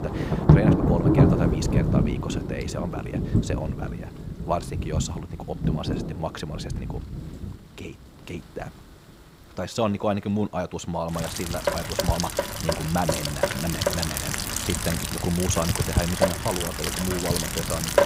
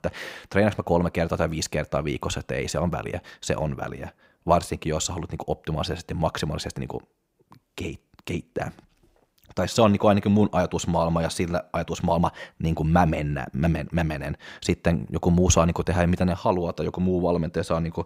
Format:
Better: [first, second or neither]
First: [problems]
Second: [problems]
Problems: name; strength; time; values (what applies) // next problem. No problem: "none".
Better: second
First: rain or running water; very loud; throughout; 5 dB above the speech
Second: none